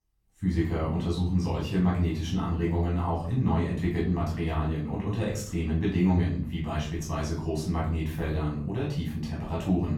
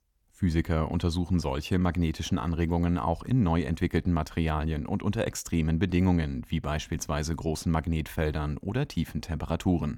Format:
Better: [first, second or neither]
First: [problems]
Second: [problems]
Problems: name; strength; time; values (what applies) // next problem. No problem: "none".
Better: second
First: off-mic speech; far // room echo; noticeable; dies away in 0.6 s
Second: none